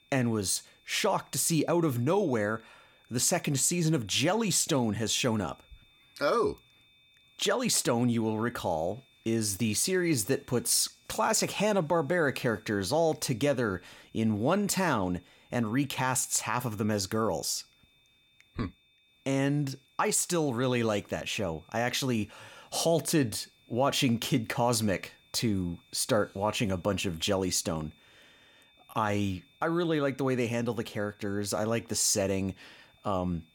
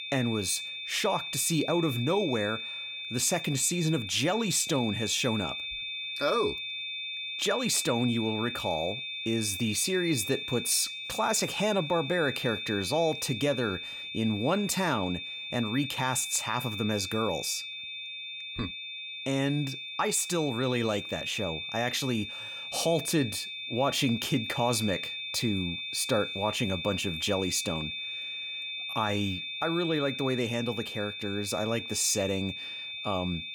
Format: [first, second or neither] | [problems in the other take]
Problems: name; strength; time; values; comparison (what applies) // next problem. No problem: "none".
first | high-pitched whine; loud; throughout; 3.5 kHz, 5 dB below the speech; faint in the first